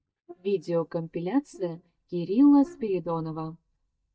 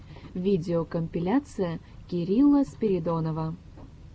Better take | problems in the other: second | noise reduction (neural mask model DeepFilterNet 3)

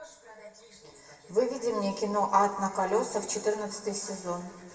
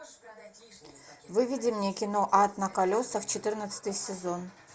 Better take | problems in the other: second | room echo; dies away in 1.5 s

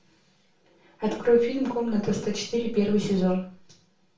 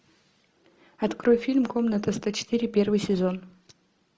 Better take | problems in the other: second | room echo; dies away in 0.4 s

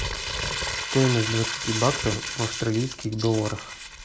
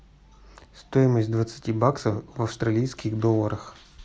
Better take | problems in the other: second | background sound (Crumpling, crinkling); 4 dB below the speech

